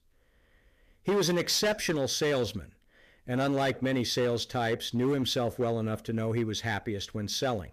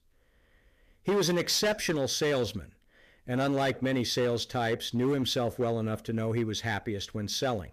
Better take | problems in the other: neither | distortion; slight; 8% of the sound clipped; the same in both

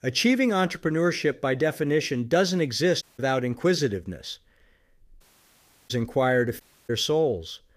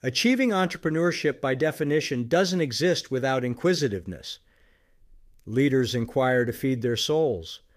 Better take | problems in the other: second | audio cutting out; at 3 s, at 5 s for 0.5 s and at 6.5 s

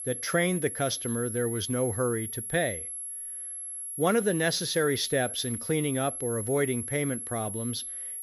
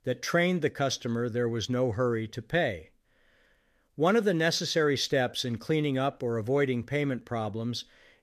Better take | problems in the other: second | high-pitched whine; loud; throughout; 11 kHz, 5 dB below the speech

